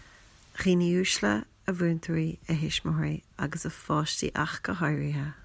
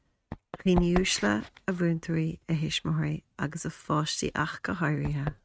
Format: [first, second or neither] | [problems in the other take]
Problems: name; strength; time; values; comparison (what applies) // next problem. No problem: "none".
first | noise reduction (neural mask model RNNoise)